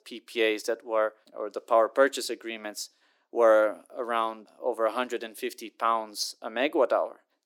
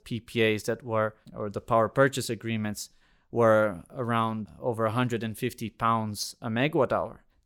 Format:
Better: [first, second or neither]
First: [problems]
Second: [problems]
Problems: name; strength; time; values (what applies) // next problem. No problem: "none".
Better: second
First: thin; somewhat; fading below 300 Hz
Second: none